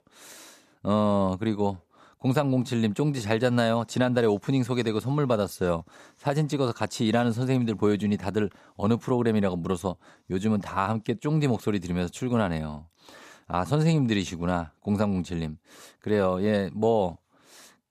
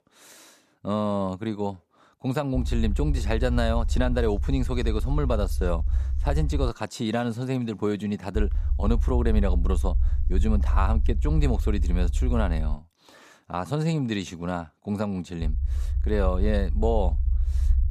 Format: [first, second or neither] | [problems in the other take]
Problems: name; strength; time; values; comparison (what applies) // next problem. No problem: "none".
first | low rumble; noticeable; from 2.5 to 6.5 s, from 8.5 to 13 s and from 15 s on; 15 dB below the speech